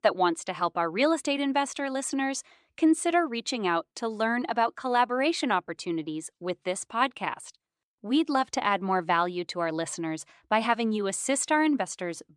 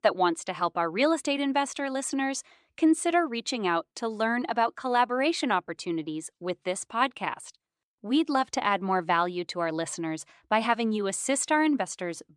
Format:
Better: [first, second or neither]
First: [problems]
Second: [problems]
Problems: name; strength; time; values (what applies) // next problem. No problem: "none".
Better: neither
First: none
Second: none